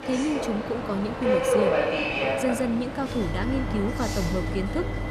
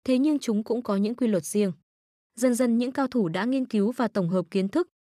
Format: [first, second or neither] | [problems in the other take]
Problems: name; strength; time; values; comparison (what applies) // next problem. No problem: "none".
second | train or aircraft noise; very loud; throughout; 2 dB above the speech